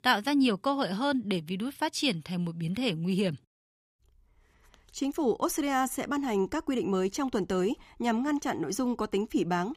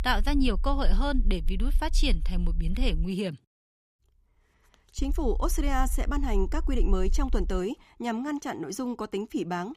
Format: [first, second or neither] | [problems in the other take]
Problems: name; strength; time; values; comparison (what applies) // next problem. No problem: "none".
first | low rumble; faint; until 3 s and from 5 to 7.5 s; 25 dB below the speech